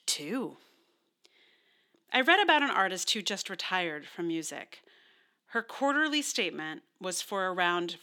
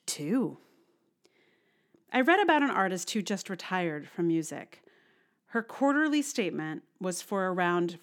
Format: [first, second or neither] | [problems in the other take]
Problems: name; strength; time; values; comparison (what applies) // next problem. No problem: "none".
second | thin; very slightly; fading below 600 Hz